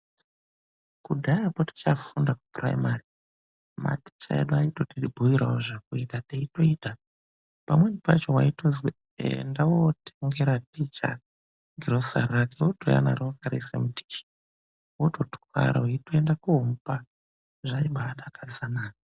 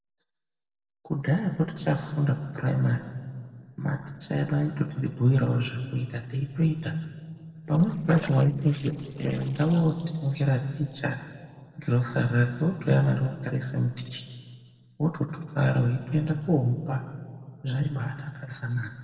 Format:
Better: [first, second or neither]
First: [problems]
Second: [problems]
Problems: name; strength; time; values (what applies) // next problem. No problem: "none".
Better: first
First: none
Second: noise reduction (neural separator model SepFormer DNS4)